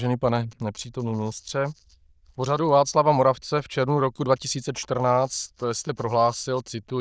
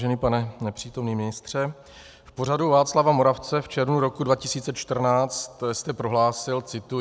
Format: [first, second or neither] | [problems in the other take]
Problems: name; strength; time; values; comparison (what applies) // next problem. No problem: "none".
second | noise reduction (neural diffusion model UNIVERSE++)